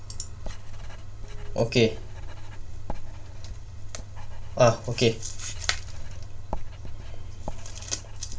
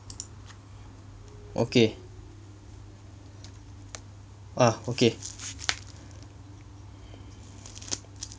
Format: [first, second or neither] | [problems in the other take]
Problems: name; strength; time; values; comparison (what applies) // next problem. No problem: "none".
second | background sound (Writing); 2 dB below the speech // room echo; dies away in 0.2 s